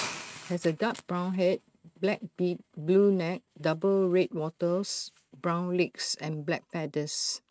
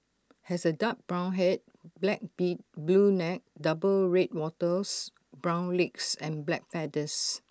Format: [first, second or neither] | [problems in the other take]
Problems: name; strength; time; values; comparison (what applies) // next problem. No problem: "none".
second | noise reduction (neural mask model RNNoise)